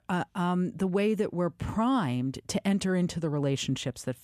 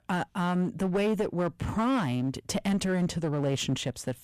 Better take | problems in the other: first | distortion; slight; 14% of the sound clipped

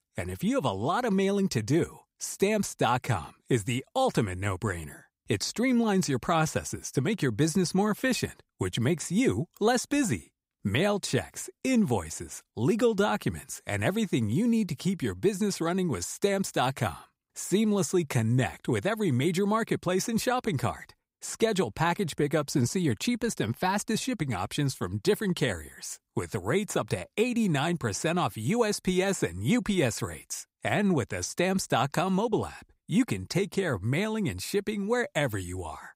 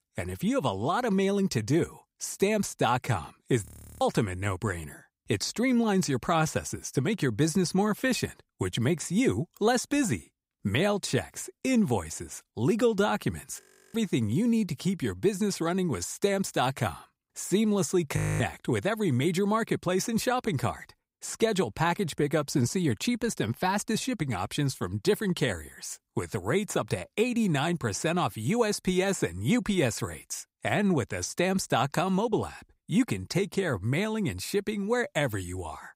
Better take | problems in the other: first | audio freezing; at 3.5 s, at 14 s and at 18 s

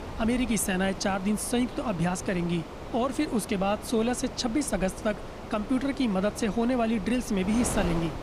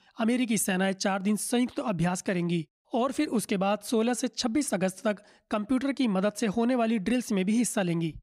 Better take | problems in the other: second | wind noise on the microphone; heavy; 10 dB below the speech

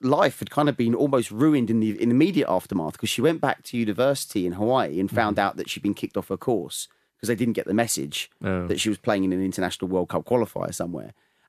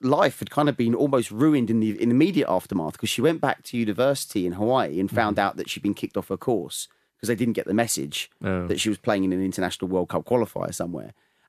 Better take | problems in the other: neither | none

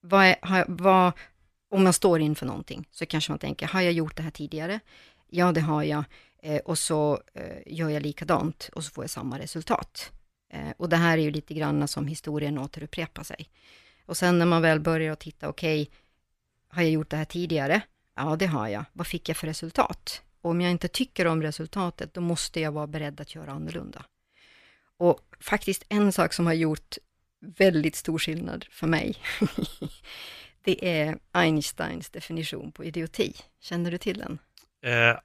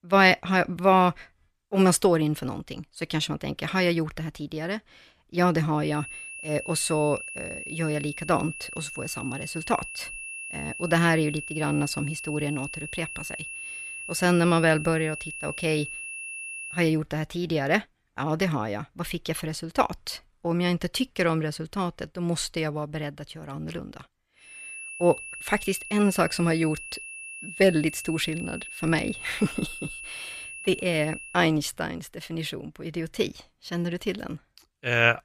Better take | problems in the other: first | high-pitched whine; loud; from 6 to 17 s and from 25 to 31 s; 2.5 kHz, 9 dB below the speech

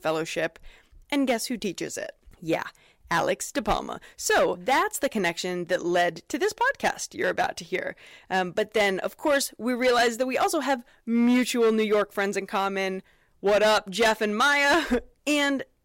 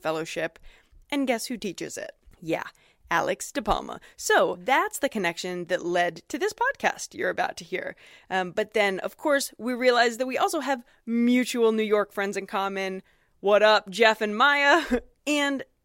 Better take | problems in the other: second | distortion; slight; 6% of the sound clipped

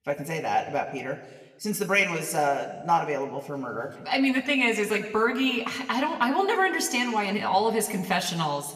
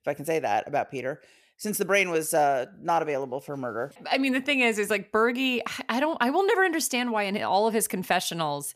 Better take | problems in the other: second | room echo; very slight; dies away in 1 s

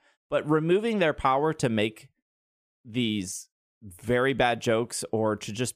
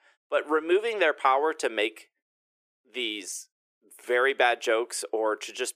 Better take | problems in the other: first | thin; very; fading below 350 Hz

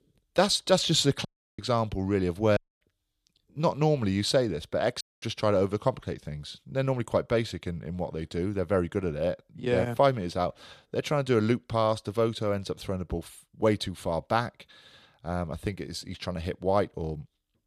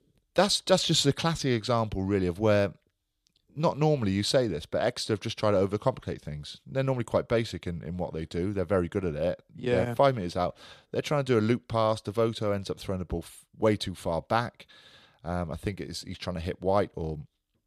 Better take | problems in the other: second | audio cutting out; at 1.5 s, at 2.5 s and at 5 s

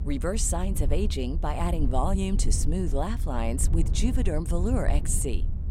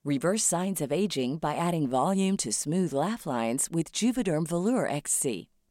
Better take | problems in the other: second | low rumble; noticeable; throughout; 15 dB below the speech

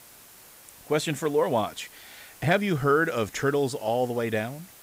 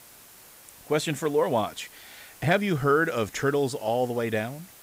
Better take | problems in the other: neither | hiss; faint; throughout; 20 dB below the speech; the same in both

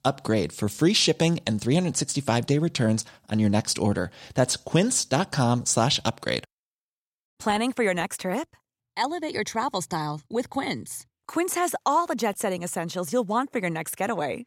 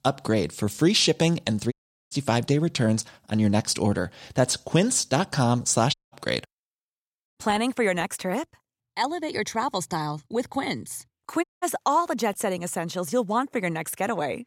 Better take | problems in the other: first | audio cutting out; at 1.5 s, at 6 s and at 11 s

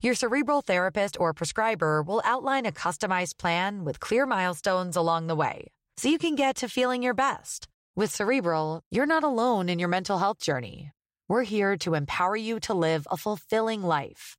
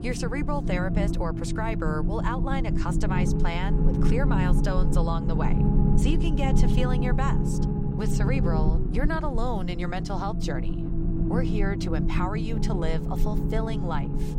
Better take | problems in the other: first | low rumble; loud; throughout; 3 dB below the speech

